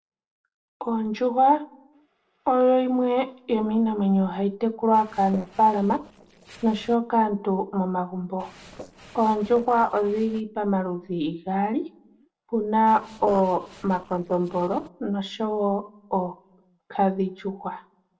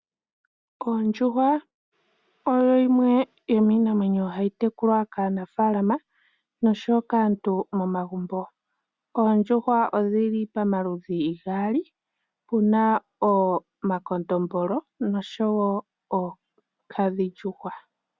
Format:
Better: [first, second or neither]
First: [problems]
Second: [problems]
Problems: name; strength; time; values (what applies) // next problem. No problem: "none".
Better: second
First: noise reduction (neural separator model SepFormer DNS4)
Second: none